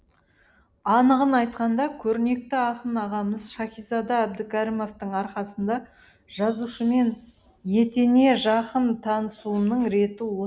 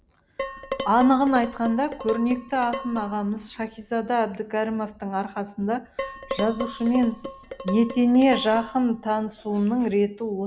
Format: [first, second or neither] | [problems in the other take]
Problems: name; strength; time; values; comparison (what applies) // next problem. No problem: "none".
first | background sound (Dishes, pots, and pans); 11 dB below the speech